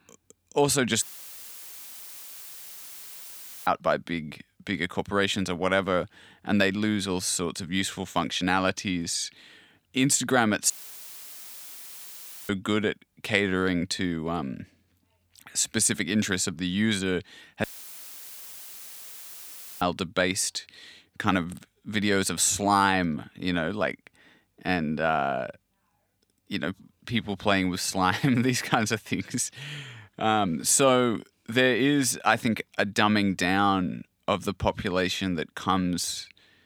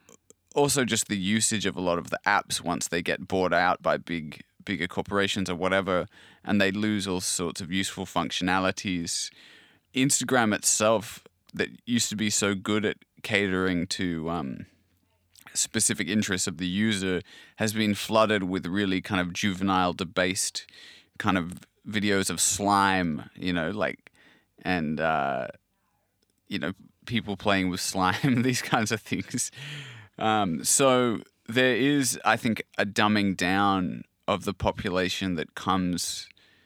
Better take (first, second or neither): second